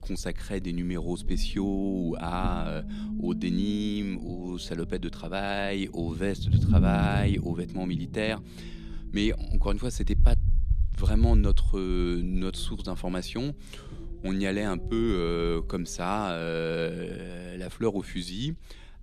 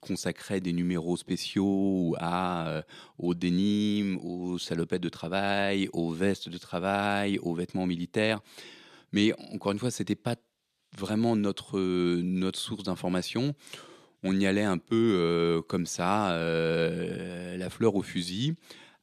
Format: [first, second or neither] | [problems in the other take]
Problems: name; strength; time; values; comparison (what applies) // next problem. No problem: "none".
second | low rumble; noticeable; throughout; 10 dB below the speech